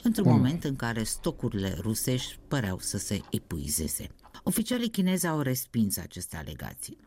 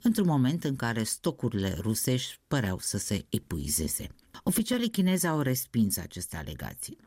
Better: second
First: household noises; very loud; throughout; 3 dB above the speech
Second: none

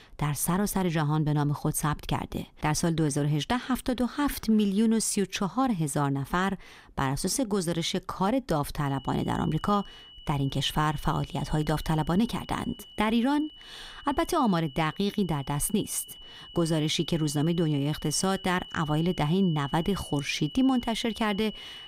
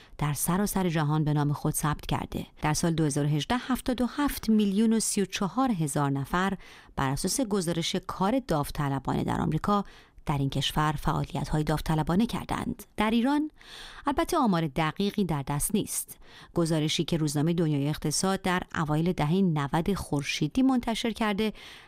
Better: second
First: high-pitched whine; noticeable; from 9 s on; 3 kHz, 15 dB below the speech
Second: none

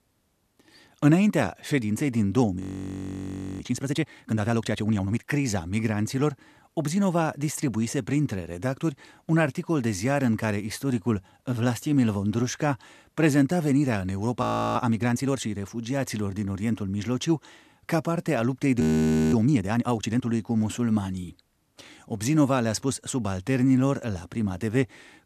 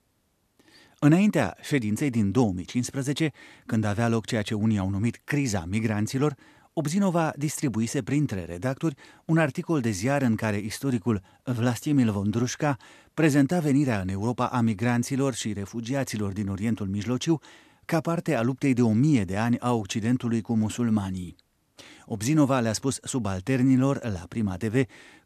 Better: second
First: audio freezing; at 2.5 s for 1 s, at 14 s and at 19 s for 0.5 s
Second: none

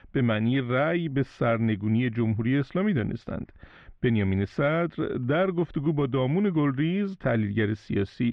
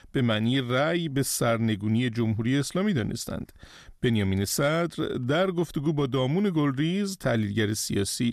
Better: second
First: muffled; very; fading above 2.5 kHz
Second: none

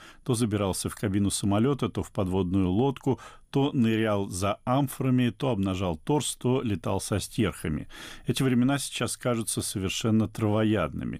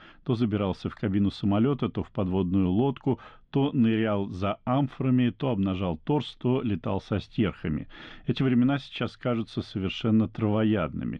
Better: first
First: none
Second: muffled; slightly; fading above 3.5 kHz

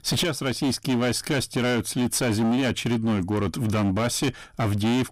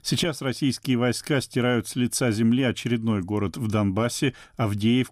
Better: second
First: distortion; heavy; 26% of the sound clipped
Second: none

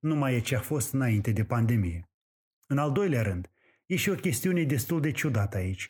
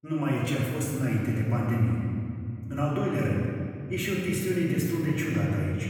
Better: first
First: none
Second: room echo; noticeable; dies away in 2.5 s // off-mic speech; far

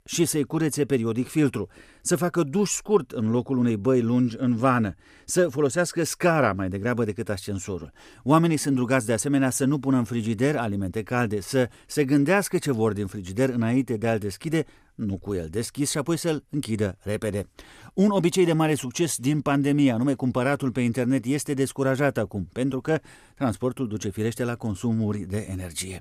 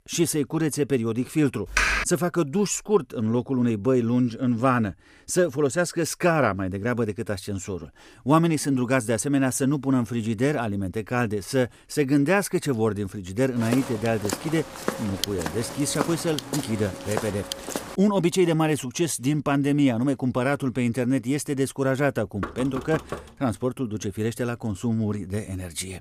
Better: first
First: none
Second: keyboard typing; loud; at 1.5 s; peak 3 dB above the speech // footsteps; noticeable; from 14 to 18 s; peak 5 dB below the speech // door banging; noticeable; at 22 s; peak 10 dB below the speech

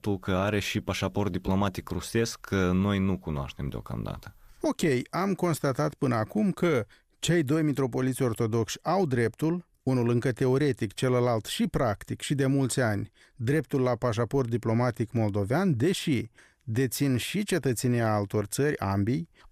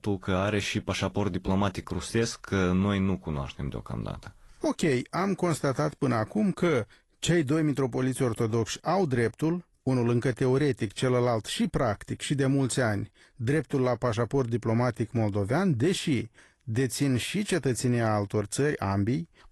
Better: first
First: none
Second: garbled, watery; slightly; nothing above 11.5 kHz

